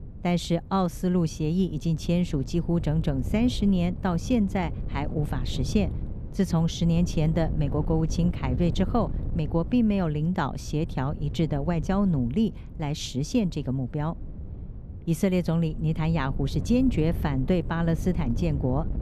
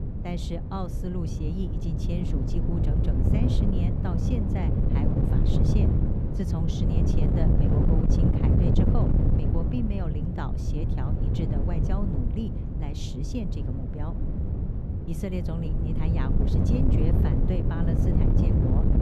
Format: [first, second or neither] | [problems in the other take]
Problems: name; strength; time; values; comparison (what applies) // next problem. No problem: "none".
first | wind noise on the microphone; heavy; 3 dB above the speech; occasional gusts in the first